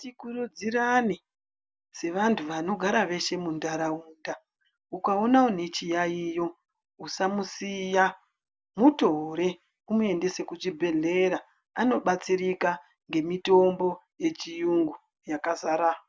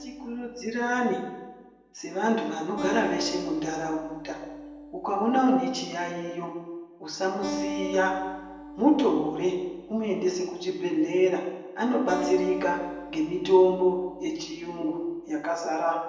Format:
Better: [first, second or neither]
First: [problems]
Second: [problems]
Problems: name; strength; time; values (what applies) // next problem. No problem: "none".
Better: first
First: none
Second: background sound (Acoustic guitar); 11 dB below the speech // room echo; dies away in 0.9 s